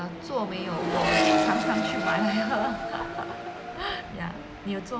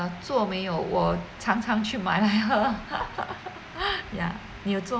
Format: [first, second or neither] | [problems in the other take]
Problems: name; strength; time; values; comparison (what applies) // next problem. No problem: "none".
second | background sound (Accelerating, revving, vroom); 2 dB above the speech